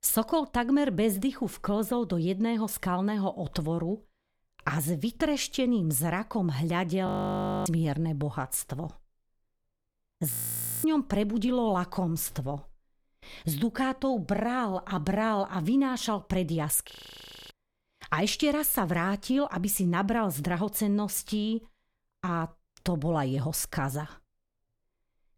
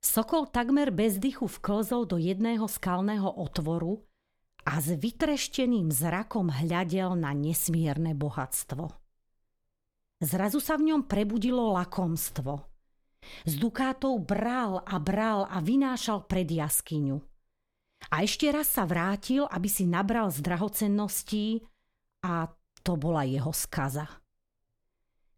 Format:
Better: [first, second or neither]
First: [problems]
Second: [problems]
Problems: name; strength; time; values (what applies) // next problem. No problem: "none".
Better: second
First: audio freezing; at 7 s for 0.5 s, at 10 s for 0.5 s and at 17 s for 0.5 s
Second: none